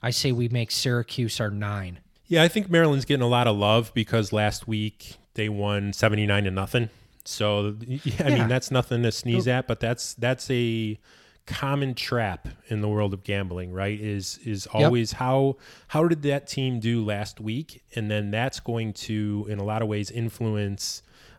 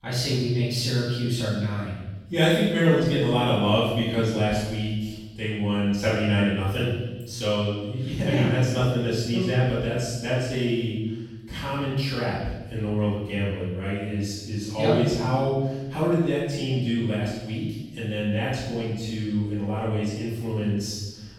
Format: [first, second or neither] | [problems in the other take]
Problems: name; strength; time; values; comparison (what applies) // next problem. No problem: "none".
first | off-mic speech; far // room echo; strong; dies away in 1.1 s